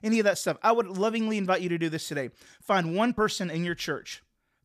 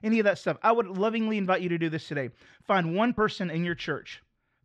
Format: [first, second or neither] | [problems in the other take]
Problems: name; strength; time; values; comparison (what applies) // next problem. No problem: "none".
first | muffled; slightly; fading above 3 kHz